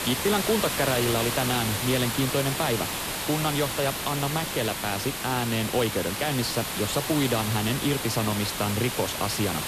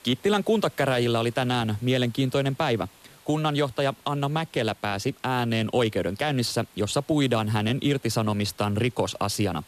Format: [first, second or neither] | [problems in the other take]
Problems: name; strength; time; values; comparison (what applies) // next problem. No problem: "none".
second | hiss; loud; throughout; 2 dB below the speech; faint in the second